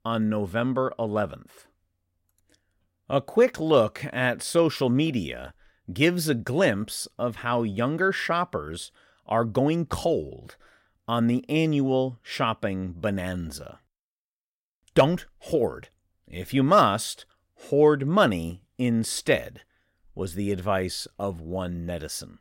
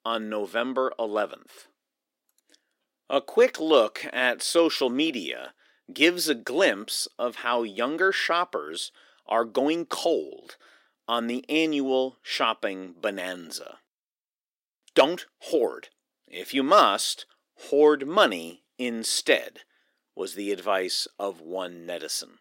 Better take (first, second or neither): first